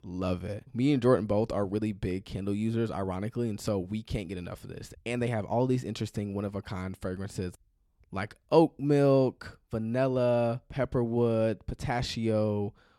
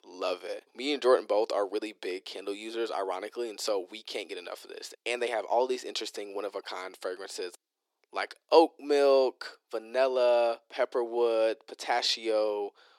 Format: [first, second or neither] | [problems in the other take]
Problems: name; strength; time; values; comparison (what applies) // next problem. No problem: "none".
first | thin; very; fading below 350 Hz